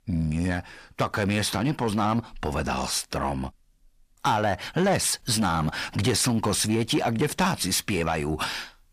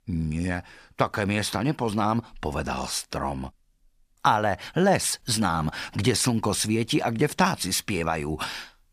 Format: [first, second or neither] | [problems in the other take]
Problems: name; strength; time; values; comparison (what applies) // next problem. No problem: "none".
second | distortion; slight; 10 dB below the speech